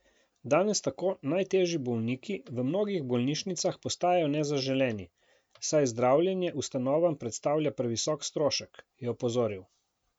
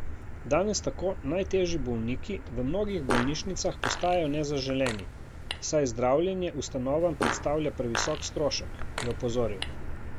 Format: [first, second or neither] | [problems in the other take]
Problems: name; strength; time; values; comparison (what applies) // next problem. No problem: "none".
first | background sound (Fart + Motor vehicle (road)); 5 dB below the speech